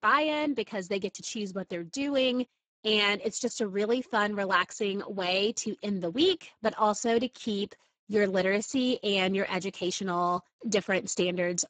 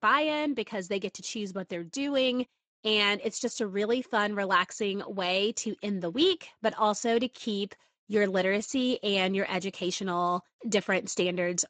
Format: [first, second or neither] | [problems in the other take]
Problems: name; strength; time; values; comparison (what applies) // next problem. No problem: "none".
second | garbled, watery; badly; nothing above 7.5 kHz; slightly in the second